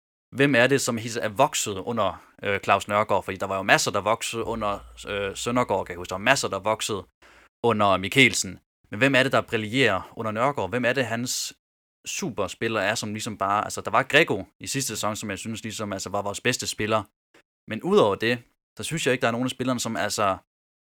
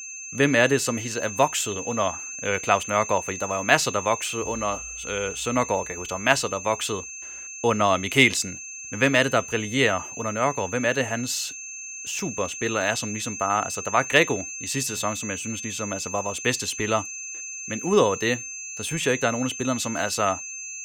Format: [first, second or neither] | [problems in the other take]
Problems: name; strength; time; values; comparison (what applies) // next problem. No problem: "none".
first | high-pitched whine; loud; throughout; 6.5 kHz, 9 dB below the speech